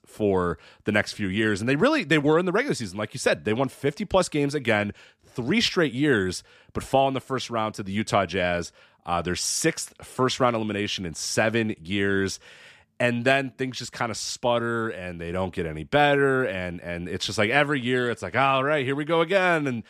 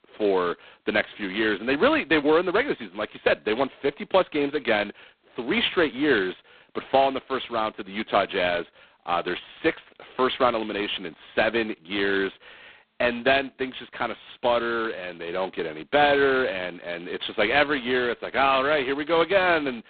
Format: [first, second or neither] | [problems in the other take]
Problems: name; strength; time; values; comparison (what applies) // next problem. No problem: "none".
first | phone-call audio; poor line; nothing above 4 kHz